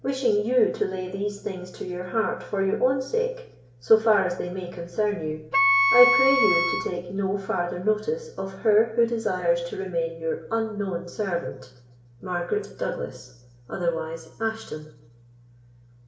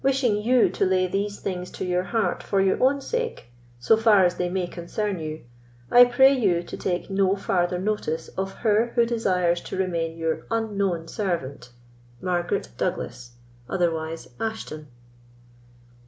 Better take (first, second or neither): second